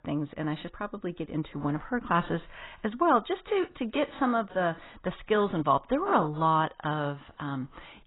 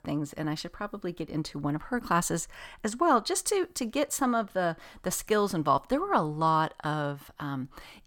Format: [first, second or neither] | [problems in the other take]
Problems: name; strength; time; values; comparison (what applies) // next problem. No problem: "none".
second | garbled, watery; badly; nothing above 4 kHz